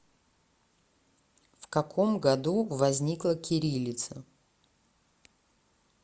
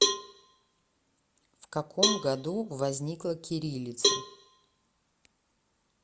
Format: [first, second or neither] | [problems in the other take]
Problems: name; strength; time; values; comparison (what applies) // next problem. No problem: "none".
first | background sound (Cowbell); 2 dB above the speech